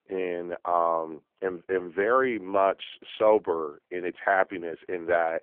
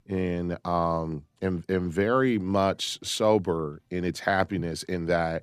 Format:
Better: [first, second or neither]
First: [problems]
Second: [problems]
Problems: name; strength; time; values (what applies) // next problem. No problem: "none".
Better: second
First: phone-call audio; poor line; nothing above 3.5 kHz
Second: none